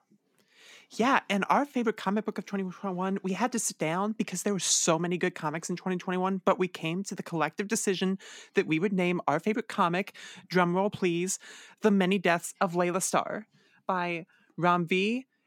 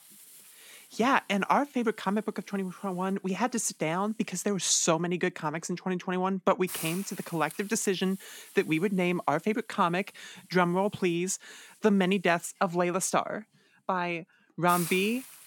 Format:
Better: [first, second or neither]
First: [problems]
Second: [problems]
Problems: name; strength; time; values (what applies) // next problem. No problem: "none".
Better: first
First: none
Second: hiss; noticeable; throughout; 15 dB below the speech